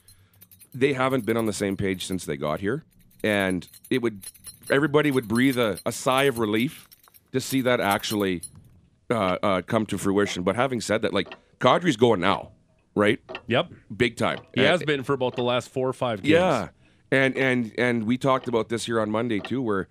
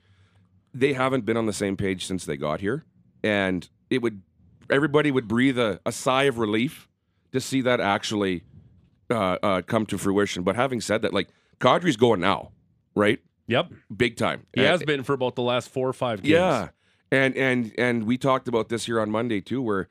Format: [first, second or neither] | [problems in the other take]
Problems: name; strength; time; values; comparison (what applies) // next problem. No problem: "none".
second | household noises; noticeable; throughout; 20 dB below the speech